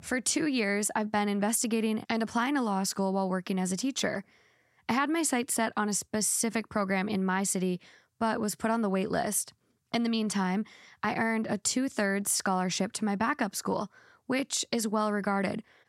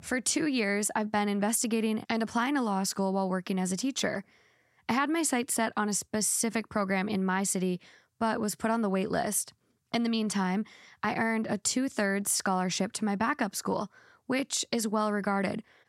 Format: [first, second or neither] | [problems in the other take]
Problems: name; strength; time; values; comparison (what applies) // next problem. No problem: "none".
neither | none